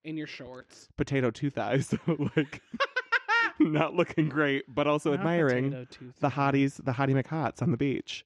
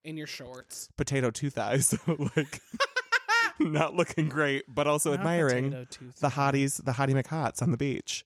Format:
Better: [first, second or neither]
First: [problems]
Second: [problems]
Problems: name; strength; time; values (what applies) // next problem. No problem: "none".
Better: second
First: muffled; slightly; fading above 3 kHz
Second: none